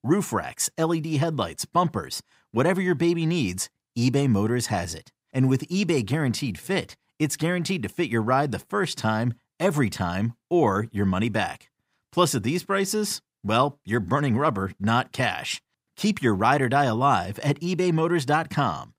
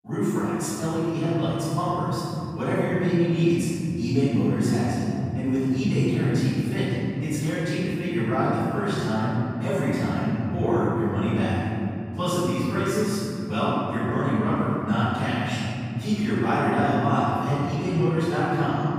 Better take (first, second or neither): first